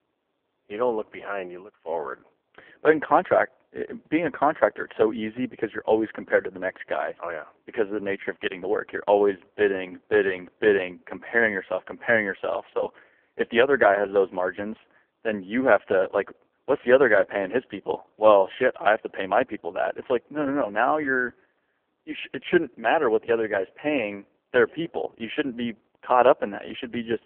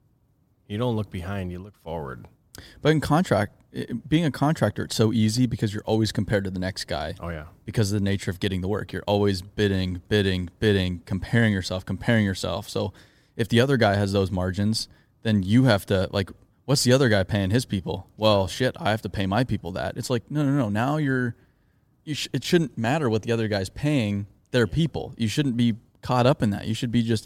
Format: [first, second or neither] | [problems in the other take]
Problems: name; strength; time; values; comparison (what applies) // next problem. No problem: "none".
second | phone-call audio; poor line; nothing above 3 kHz